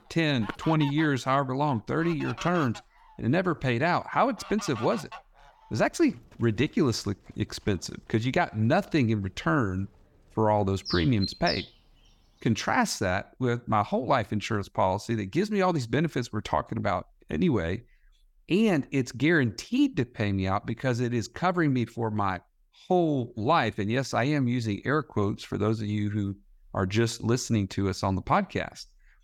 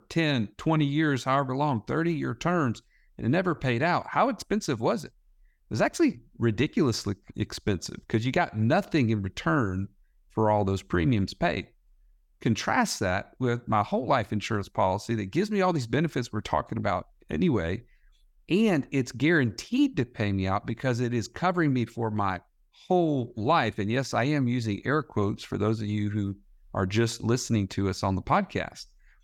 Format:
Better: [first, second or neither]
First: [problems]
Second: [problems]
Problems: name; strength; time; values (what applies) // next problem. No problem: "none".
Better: second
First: animal sounds; noticeable; until 13 s; 10 dB below the speech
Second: none